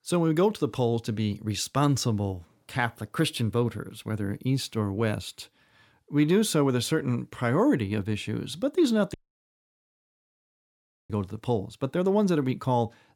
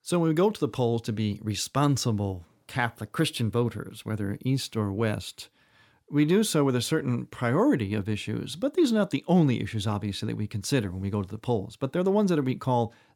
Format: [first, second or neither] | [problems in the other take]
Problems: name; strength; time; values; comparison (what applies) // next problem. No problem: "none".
second | audio cutting out; at 9 s for 2 s